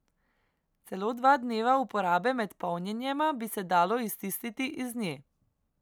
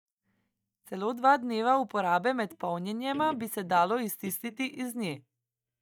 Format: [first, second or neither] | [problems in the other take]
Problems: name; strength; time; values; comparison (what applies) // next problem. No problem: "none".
first | noise reduction (neural mask model DeepFilterNet 3)